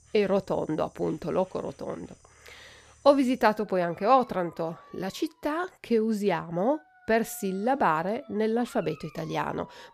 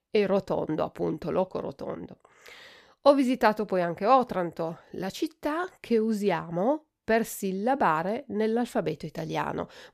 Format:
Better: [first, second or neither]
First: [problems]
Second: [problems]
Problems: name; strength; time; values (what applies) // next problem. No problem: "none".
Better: second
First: animal sounds; faint; throughout; 25 dB below the speech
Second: none